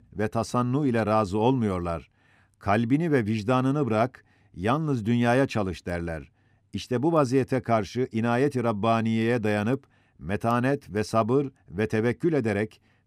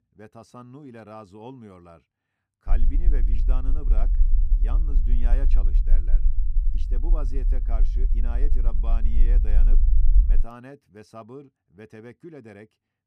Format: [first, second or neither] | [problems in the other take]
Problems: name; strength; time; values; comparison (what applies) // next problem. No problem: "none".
first | low rumble; loud; from 2.5 to 10 s; 6 dB below the speech